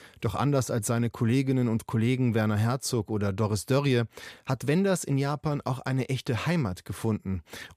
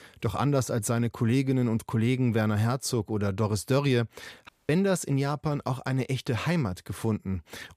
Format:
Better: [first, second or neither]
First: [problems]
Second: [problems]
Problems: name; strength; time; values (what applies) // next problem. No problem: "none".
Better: first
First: none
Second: audio cutting out; at 4.5 s